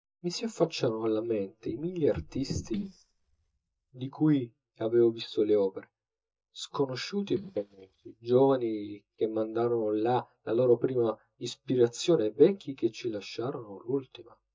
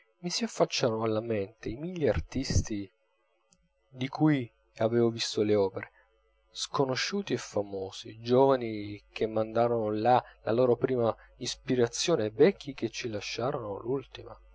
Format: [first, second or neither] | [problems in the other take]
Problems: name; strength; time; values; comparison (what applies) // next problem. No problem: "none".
second | noise reduction (neural mask model DeepFilterNet 3)